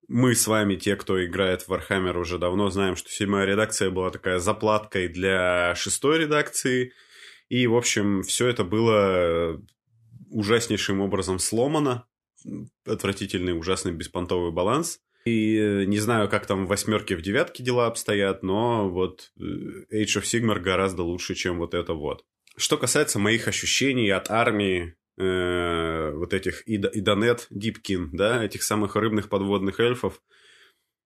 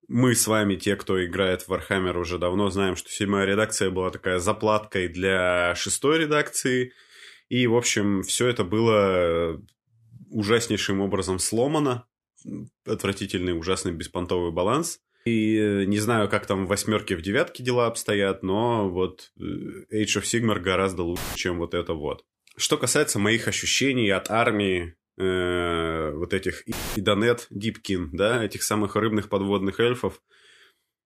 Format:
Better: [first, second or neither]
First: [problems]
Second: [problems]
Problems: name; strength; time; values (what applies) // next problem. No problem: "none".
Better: first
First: none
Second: audio cutting out; filled with static; at 21 s and at 27 s